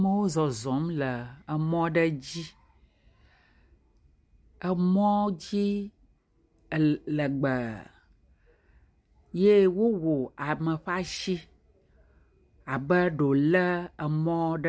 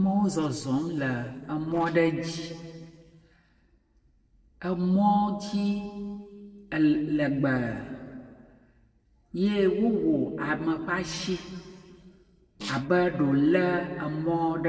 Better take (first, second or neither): first